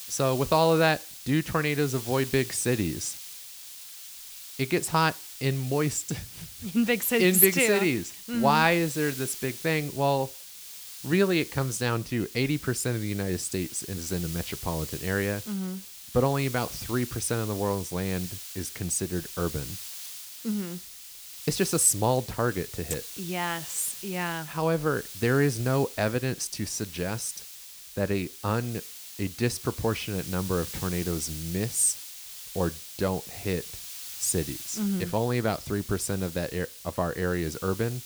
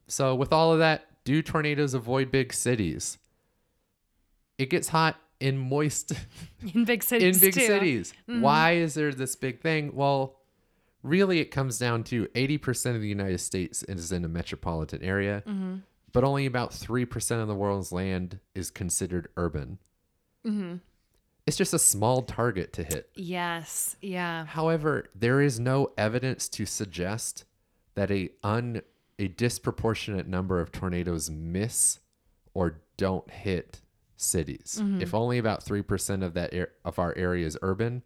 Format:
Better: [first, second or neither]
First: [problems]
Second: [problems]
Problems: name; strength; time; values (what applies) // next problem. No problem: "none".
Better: second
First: hiss; noticeable; throughout; 10 dB below the speech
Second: none